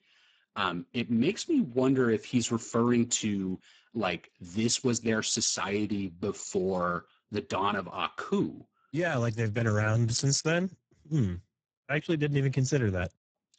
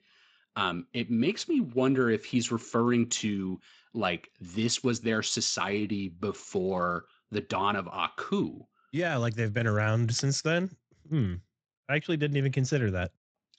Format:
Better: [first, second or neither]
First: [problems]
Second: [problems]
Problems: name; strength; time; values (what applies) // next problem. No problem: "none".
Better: second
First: garbled, watery; badly; nothing above 7.5 kHz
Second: garbled, watery; slightly; nothing above 7.5 kHz